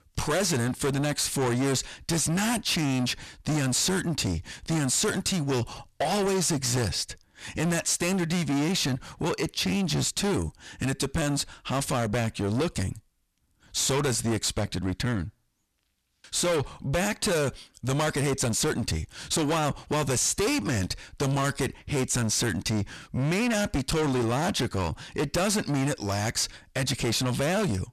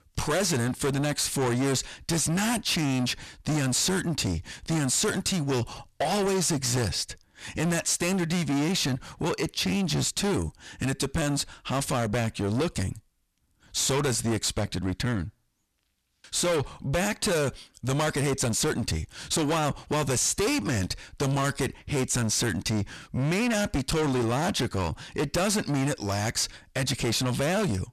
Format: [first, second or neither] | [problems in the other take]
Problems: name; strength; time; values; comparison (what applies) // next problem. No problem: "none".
neither | distortion; heavy; 5 dB below the speech; the same in both